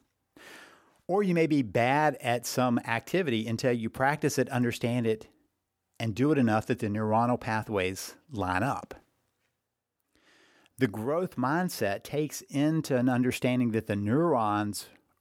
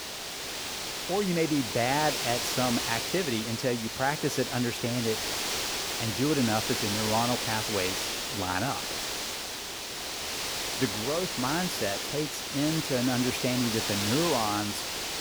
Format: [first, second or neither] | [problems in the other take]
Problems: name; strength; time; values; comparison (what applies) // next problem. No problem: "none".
first | hiss; loud; throughout; 1 dB below the speech